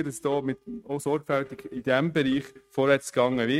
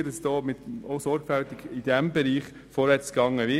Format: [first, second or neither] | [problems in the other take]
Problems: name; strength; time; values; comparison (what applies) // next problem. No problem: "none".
second | noise reduction (neural mask model RNNoise)